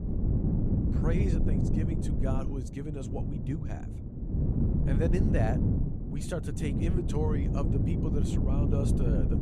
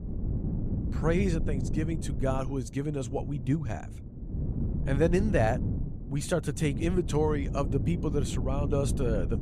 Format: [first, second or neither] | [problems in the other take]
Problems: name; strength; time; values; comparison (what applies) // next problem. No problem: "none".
second | wind noise on the microphone; heavy; as loud as the speech; occasional gusts in the second